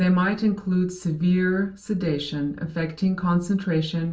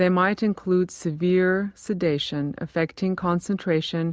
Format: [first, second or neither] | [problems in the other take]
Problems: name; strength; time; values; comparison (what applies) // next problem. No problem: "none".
second | room echo; dies away in 0.3 s